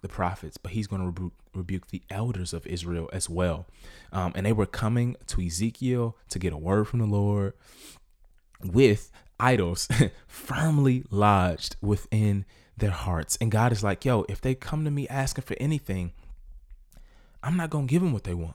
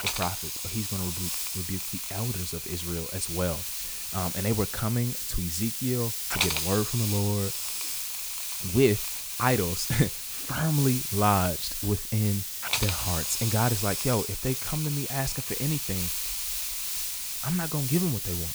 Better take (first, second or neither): first